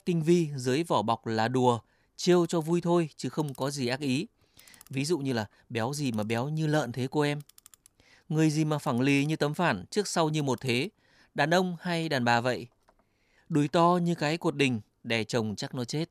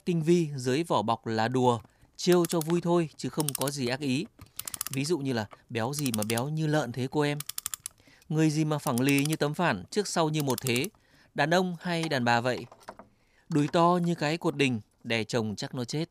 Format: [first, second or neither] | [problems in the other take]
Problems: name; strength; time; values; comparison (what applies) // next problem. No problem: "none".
first | household noises; loud; throughout; 9 dB below the speech; faint in the first